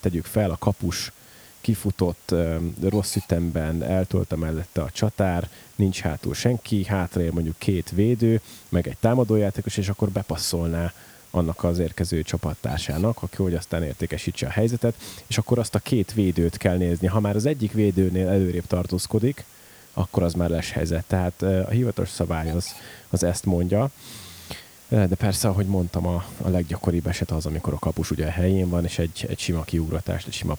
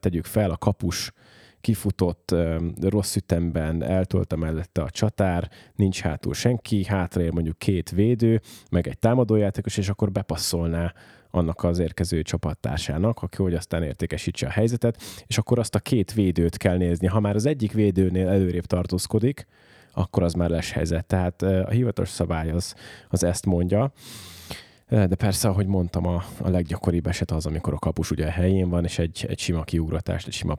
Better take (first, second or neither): second